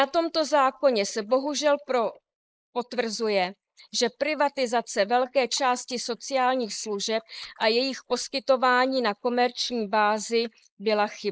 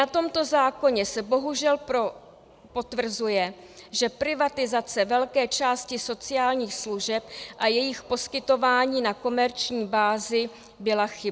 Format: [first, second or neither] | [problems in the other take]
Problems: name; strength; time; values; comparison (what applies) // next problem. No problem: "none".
second | noise reduction (neural mask model Resemble Enhance denoiser)